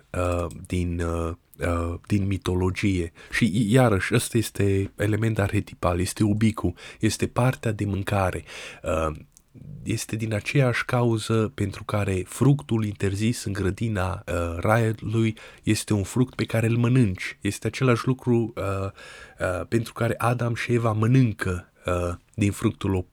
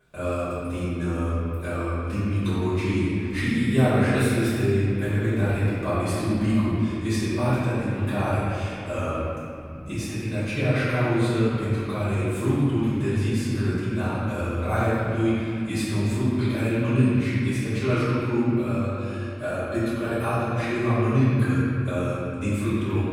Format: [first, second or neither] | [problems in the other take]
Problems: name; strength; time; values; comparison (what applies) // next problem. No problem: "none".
first | off-mic speech; far // room echo; strong; dies away in 2.5 s